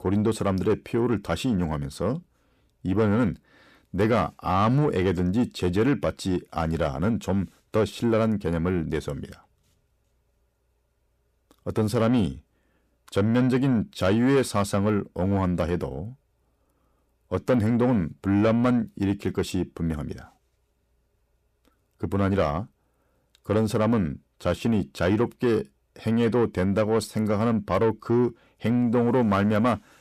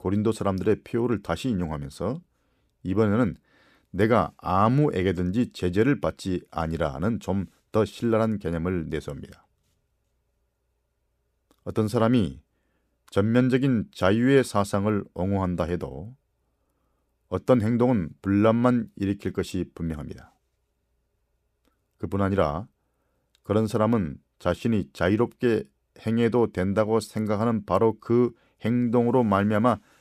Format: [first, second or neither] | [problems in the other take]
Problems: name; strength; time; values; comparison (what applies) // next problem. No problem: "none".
second | distortion; slight; 10 dB below the speech